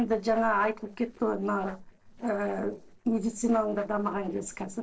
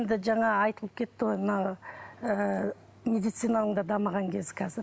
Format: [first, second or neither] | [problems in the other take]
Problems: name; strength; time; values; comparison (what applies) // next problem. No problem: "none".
second | noise reduction (neural separator model SepFormer DNS4)